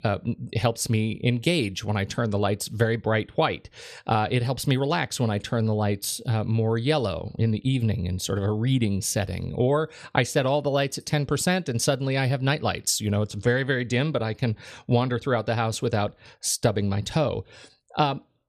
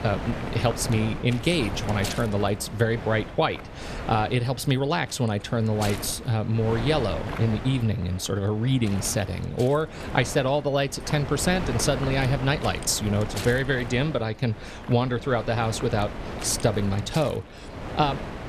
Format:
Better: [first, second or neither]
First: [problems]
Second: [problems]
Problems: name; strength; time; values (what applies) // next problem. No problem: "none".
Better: first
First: none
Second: wind noise on the microphone; heavy; 9 dB below the speech